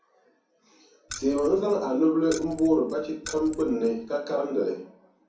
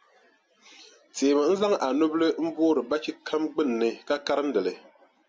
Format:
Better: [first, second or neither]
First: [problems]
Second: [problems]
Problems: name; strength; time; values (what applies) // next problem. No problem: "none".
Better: second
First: background sound (Keys jangling); 16 dB below the speech // room echo; dies away in 0.6 s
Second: none